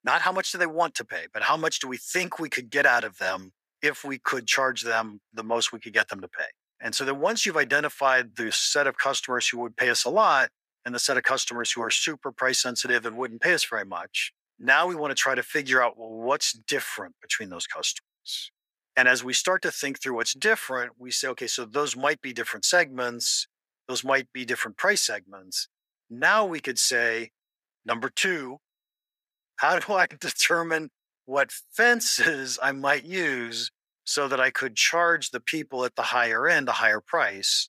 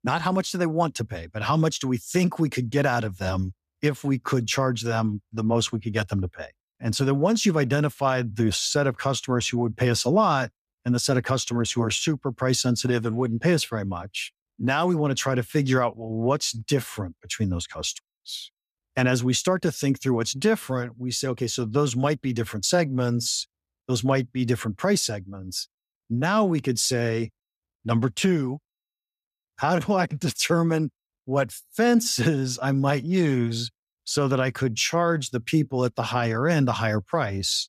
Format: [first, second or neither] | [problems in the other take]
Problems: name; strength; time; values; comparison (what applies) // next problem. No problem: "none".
second | thin; very; fading below 550 Hz